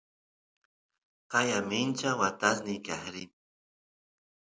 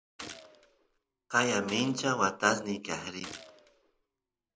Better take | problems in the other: first | background sound (Gunshot, gunfire); 17 dB below the speech

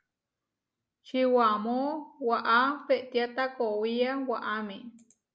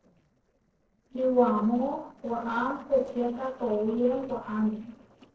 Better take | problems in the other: first | noise reduction (neural separator model SepFormer DNS4)

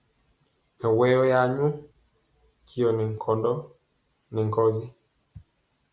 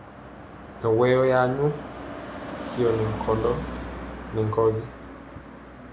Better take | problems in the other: first | background sound (Car passing by); 10 dB below the speech

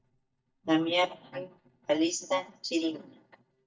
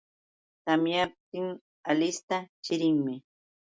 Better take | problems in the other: second | noise reduction (neural mask model DeepFilterNet 3)

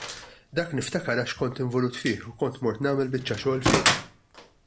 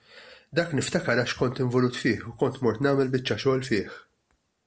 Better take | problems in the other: second | background sound (Gunshot, gunfire + Drawer open or close / Wood); 3 dB below the speech

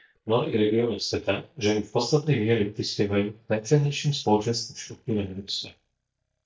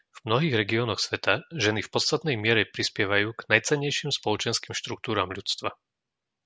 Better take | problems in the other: second | noise reduction (neural mask model DeepFilterNet 3)

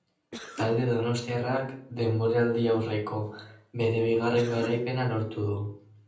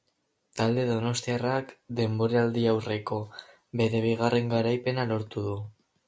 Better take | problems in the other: second | background sound (Cough); 16 dB below the speech // room echo; dies away in 0.6 s

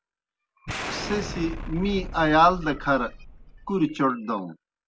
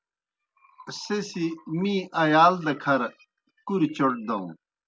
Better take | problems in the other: second | background sound (Explosion); 9 dB below the speech

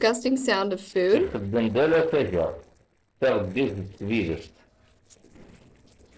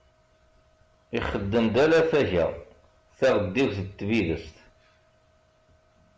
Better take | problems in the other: second | noise reduction (neural separator model SepFormer DNS4)

